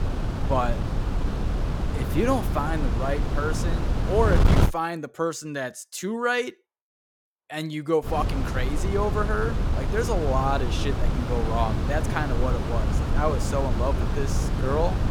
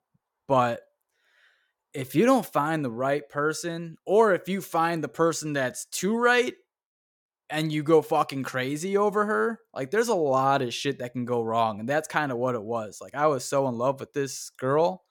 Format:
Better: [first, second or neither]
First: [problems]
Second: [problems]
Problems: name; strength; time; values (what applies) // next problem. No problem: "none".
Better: second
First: wind noise on the microphone; heavy; until 4.5 s and from 8 s on; 6 dB below the speech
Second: none